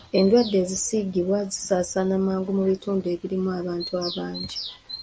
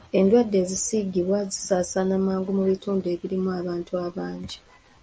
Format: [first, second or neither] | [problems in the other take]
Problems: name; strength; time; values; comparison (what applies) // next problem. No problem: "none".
second | background sound (Bird vocalization, bird call, bird song); 16 dB below the speech